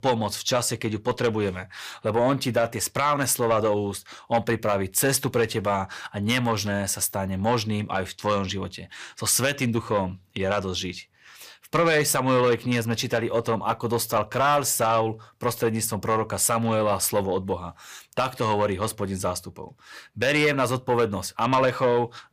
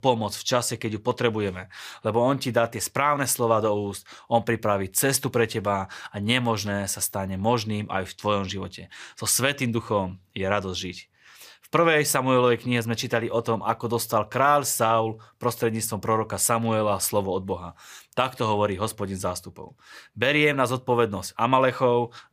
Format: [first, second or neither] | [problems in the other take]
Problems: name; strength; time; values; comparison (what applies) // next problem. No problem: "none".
second | distortion; slight; 10 dB below the speech